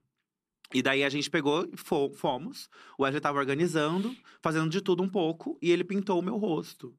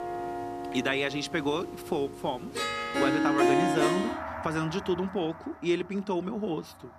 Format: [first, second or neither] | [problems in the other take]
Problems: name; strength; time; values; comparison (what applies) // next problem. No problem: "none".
first | background music; very loud; throughout; 1 dB above the speech